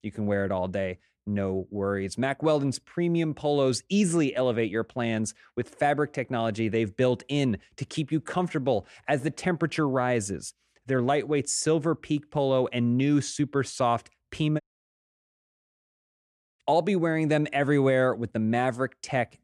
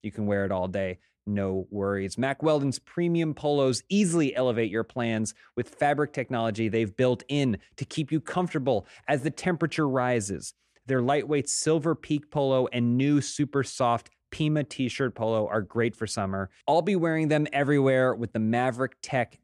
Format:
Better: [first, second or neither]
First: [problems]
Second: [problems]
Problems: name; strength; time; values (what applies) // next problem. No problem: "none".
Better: second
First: audio cutting out; at 15 s for 2 s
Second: none